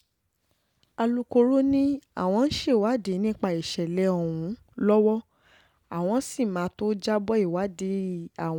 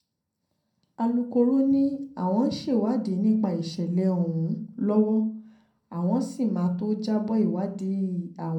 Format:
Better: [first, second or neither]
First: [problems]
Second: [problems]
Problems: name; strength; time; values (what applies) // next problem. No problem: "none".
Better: first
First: none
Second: room echo; dies away in 0.5 s